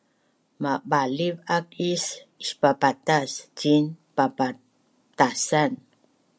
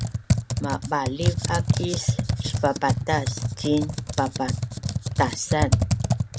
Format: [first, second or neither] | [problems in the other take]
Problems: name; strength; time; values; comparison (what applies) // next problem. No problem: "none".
first | background sound (Computer keyboard); 3 dB above the speech